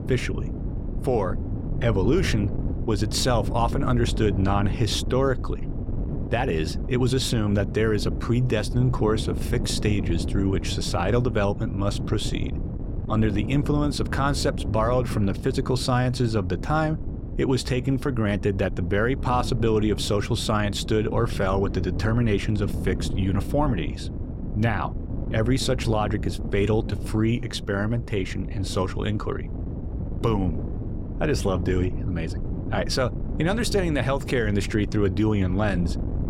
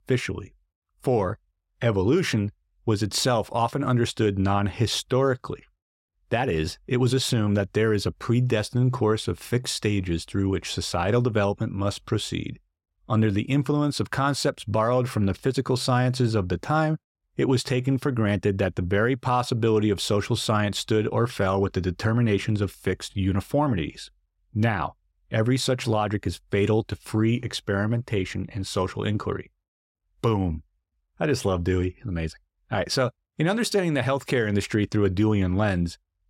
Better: second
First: wind noise on the microphone; occasional gusts; 10 dB below the speech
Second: none

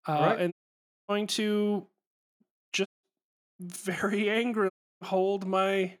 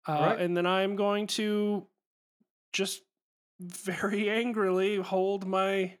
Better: second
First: audio cutting out; at 0.5 s for 0.5 s, at 3 s and at 4.5 s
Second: none

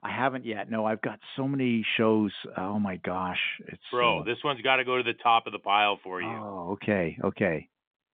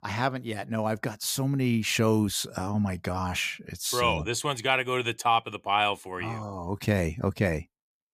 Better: second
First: phone-call audio; nothing above 3.5 kHz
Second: none

